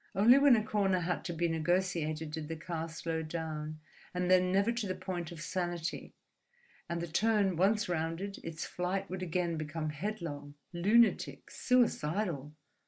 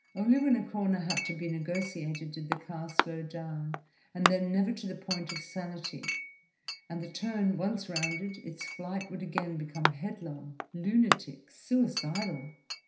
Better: first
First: none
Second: background sound (Chink, clink); 5 dB below the speech // room echo; dies away in 0.5 s

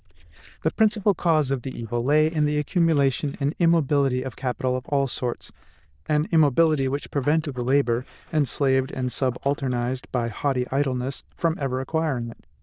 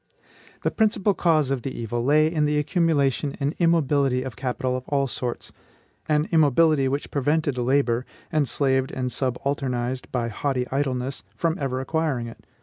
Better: second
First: noise reduction (neural diffusion model UNIVERSE++)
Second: none

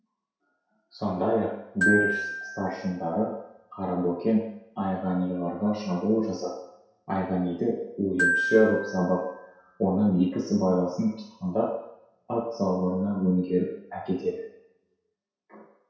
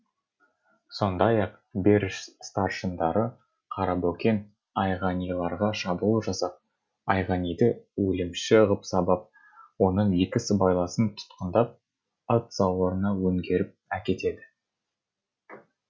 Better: second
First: background sound (Glockenspiel); 4 dB below the speech // room echo; dies away in 0.7 s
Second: none

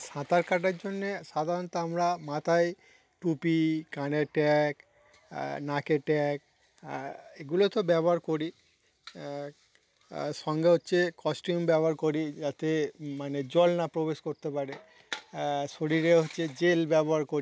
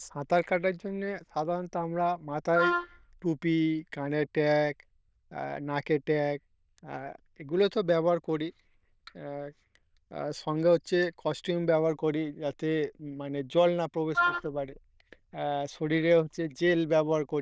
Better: first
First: none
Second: noise reduction (neural diffusion model UNIVERSE++)

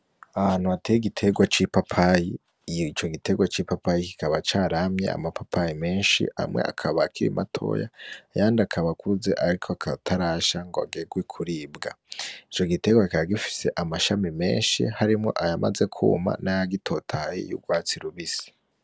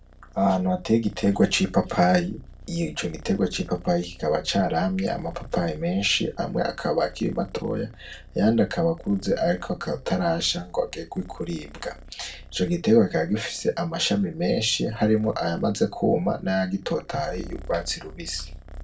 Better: first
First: none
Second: background sound (Purr); 18 dB below the speech // room echo; dies away in 0.2 s

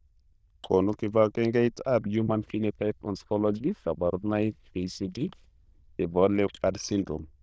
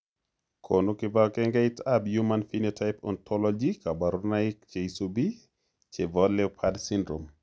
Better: second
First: noise reduction (neural diffusion model UNIVERSE++)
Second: none

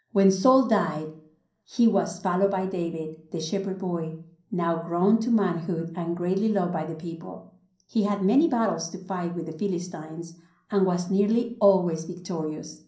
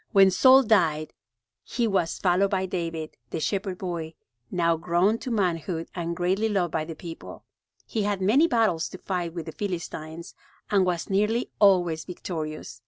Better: second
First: room echo; dies away in 0.6 s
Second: none

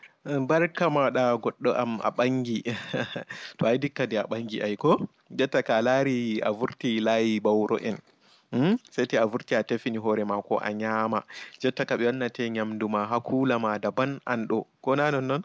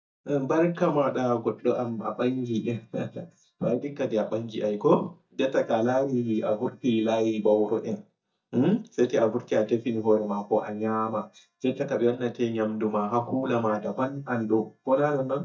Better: first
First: none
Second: noise reduction (neural mask model DeepFilterNet 3)

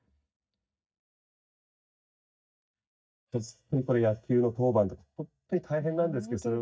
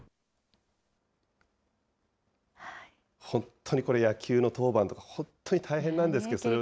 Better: second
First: noise reduction (neural mask model DeepFilterNet 3)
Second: none

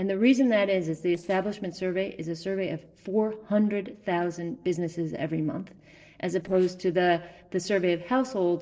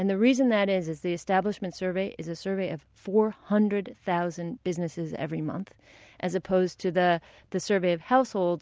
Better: second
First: noise reduction (neural separator model SepFormer DNS4)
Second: none

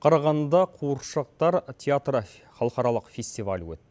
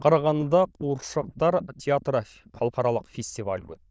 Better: first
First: none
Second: noise reduction (neural diffusion model UNIVERSE++)

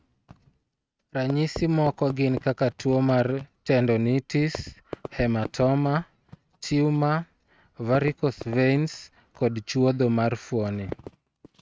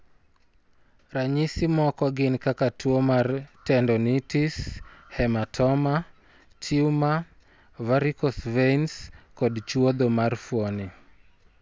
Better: second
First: noise reduction (neural mask model RNNoise)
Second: none

